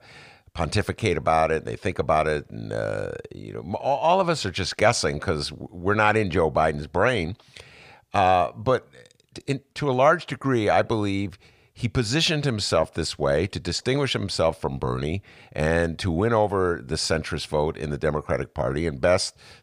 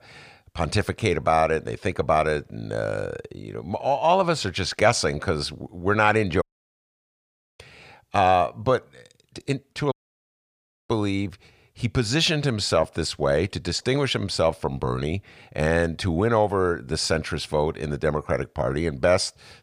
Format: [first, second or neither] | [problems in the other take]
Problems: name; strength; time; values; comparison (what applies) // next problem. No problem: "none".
first | audio cutting out; at 6.5 s for 1 s and at 10 s for 1 s